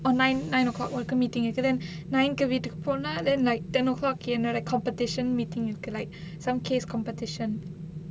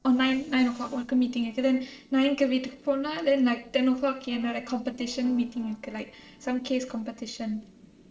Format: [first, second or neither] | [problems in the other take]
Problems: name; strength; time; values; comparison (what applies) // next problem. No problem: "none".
first | noise reduction (neural separator model SepFormer DNS4)